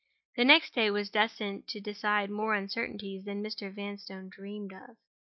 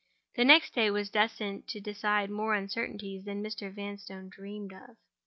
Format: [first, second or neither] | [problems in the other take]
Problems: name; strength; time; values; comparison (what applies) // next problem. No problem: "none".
second | noise reduction (neural mask model Resemble Enhance denoiser)